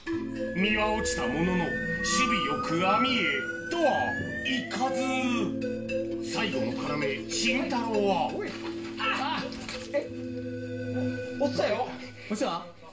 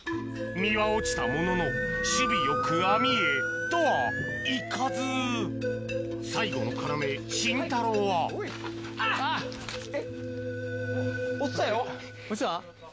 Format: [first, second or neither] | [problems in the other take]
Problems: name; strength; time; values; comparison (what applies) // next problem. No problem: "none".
second | room echo; dies away in 0.4 s